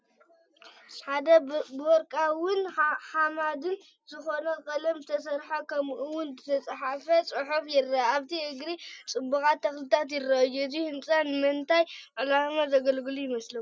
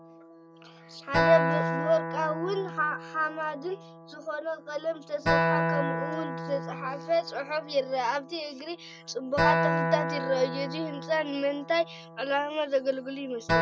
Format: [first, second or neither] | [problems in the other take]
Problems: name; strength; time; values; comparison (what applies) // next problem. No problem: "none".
first | background sound (Acoustic guitar); 1 dB below the speech